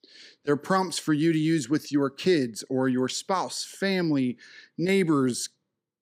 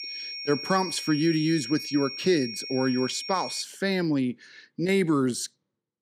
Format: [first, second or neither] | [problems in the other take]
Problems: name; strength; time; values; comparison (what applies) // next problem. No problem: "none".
first | high-pitched whine; loud; until 3.5 s; 5.5 kHz, 8 dB below the speech